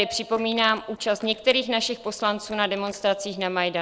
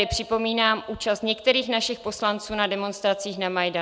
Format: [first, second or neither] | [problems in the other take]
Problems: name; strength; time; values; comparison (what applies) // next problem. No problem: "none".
second | noise reduction (neural separator model SepFormer DNS4)